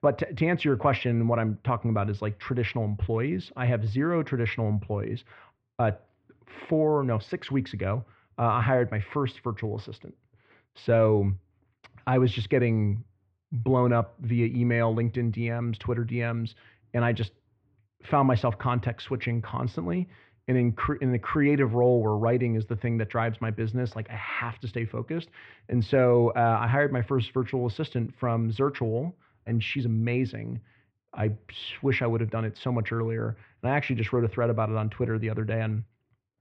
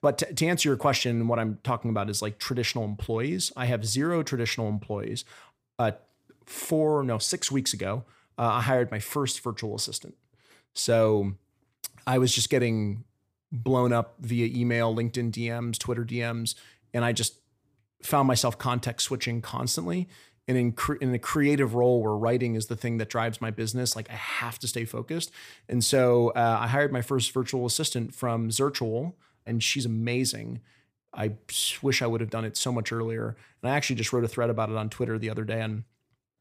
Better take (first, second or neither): second